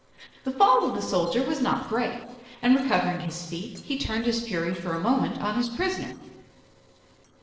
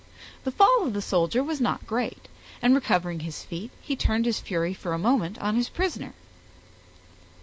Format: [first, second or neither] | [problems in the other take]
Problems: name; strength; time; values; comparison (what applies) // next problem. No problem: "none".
second | noise reduction (neural separator model SepFormer DNS4)